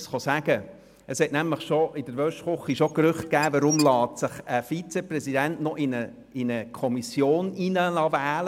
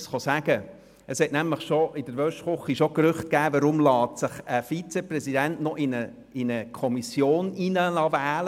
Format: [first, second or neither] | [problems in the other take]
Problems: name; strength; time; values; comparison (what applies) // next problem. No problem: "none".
second | background sound (Squeak / Dishes, pots, and pans); 13 dB below the speech